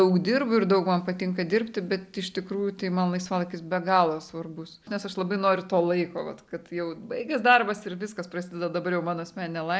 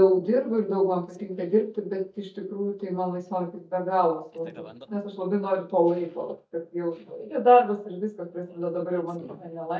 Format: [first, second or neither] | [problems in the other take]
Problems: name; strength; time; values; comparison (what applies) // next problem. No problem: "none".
first | noise reduction (neural mask model DeepFilterNet 3)